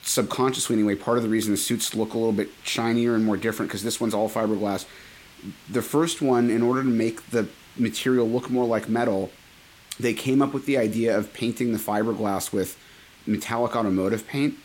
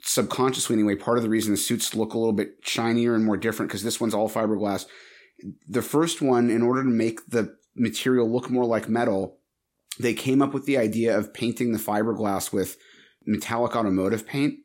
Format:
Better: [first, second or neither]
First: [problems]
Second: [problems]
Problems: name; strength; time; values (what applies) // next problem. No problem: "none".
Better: second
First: hiss; faint; throughout; 25 dB below the speech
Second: none